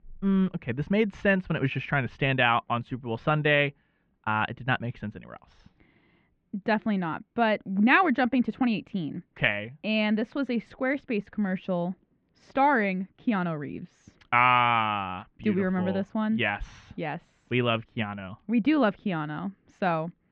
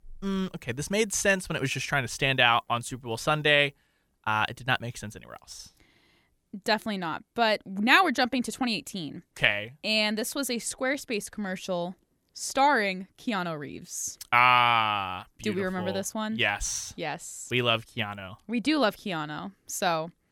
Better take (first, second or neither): second